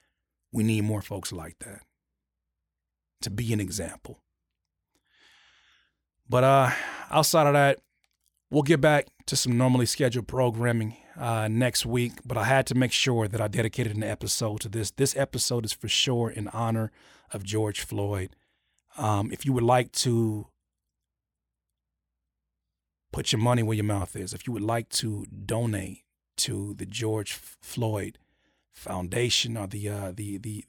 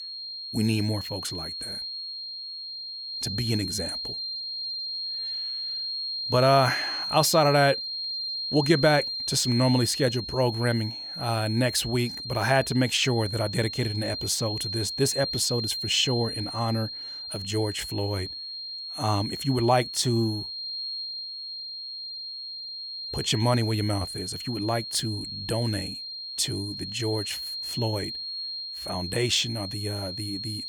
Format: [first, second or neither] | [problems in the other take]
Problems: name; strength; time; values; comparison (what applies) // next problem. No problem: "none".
first | high-pitched whine; loud; throughout; 4 kHz, 5 dB below the speech